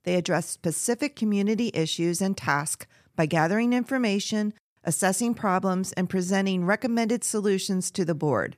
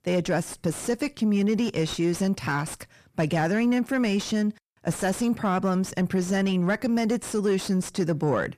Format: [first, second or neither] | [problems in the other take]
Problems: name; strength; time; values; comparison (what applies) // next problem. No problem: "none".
first | distortion; slight; 10 dB below the speech